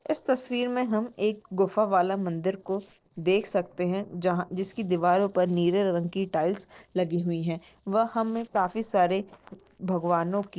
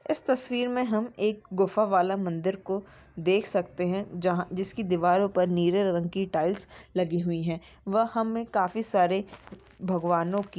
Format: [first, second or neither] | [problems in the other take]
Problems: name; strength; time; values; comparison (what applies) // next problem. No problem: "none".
second | noise reduction (neural separator model SepFormer DNS4)